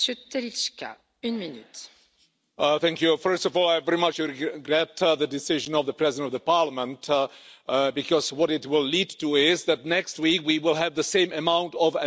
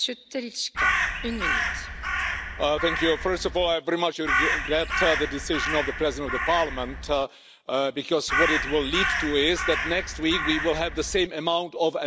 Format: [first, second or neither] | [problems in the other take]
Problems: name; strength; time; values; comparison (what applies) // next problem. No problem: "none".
first | background sound (Crow); 1 dB below the speech